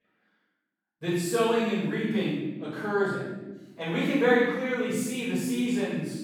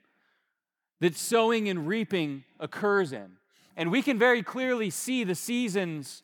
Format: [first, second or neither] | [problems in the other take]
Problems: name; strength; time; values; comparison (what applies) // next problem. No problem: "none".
second | off-mic speech; far // room echo; strong; dies away in 1.1 s